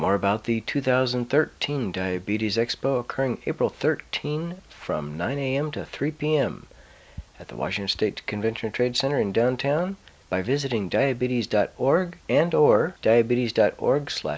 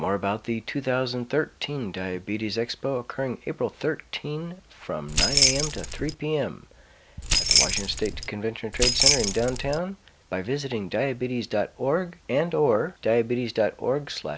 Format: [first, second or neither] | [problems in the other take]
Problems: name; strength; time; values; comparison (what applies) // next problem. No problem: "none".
first | background sound (Keys jangling); 4 dB above the speech